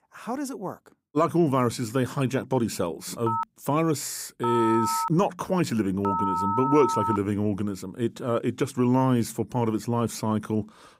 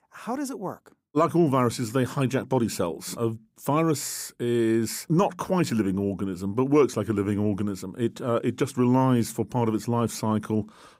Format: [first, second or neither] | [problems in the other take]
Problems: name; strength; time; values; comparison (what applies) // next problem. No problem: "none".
second | phone ringing; loud; from 3.5 to 7 s; peak level with the speech